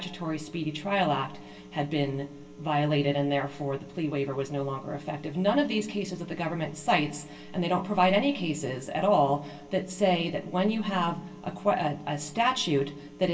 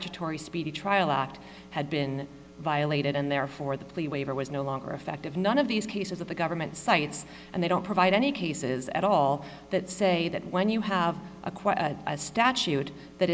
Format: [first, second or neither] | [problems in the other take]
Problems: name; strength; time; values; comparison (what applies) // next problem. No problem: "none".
second | room echo; dies away in 0.2 s